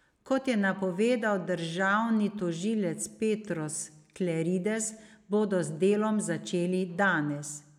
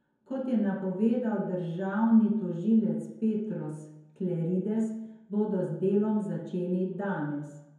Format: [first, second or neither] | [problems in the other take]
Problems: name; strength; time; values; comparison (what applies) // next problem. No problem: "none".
first | room echo; dies away in 0.9 s